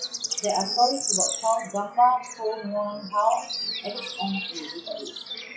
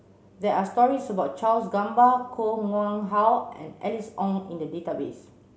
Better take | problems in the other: second | noise reduction (classical method log-MMSE)

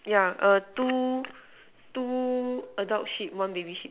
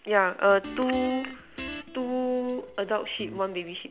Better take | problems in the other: first | background sound (Guitar); 14 dB below the speech

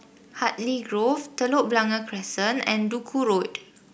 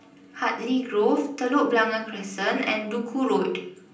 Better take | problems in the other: first | room echo; dies away in 0.6 s

